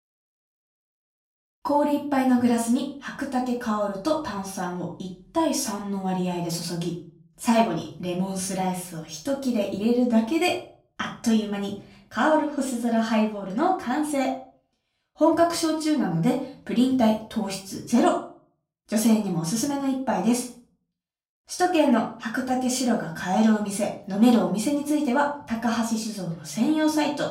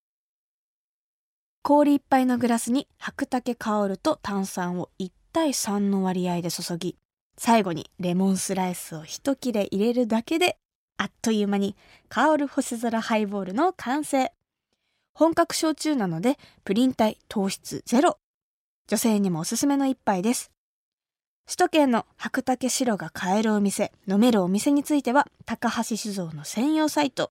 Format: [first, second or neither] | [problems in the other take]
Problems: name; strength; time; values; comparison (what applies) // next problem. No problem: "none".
second | room echo; slight; dies away in 0.4 s // off-mic speech; far